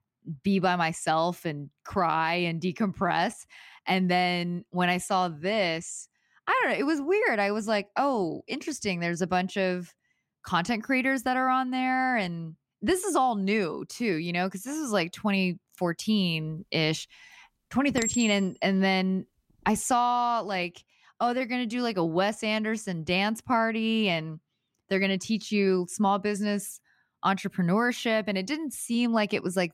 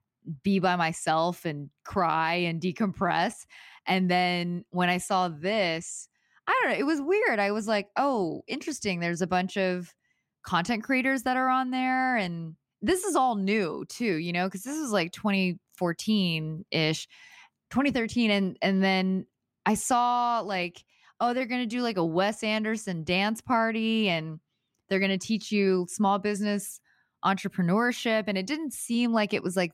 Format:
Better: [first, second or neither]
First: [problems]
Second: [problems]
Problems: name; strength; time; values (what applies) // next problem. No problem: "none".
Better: second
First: clattering dishes; noticeable; from 18 to 20 s; peak 3 dB below the speech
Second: none